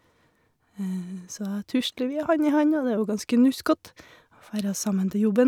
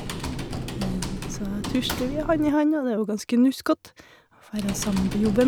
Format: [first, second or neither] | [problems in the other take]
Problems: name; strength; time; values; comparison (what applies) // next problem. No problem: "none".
first | background sound (Typing); 8 dB below the speech